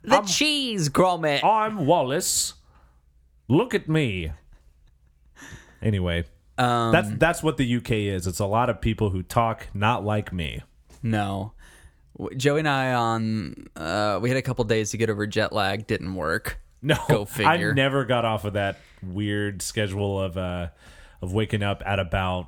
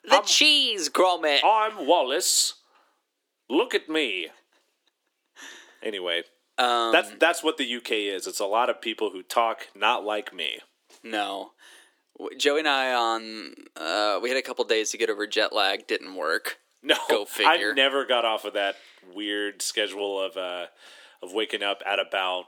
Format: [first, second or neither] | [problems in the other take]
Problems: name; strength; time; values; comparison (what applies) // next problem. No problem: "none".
first | thin; somewhat; fading below 300 Hz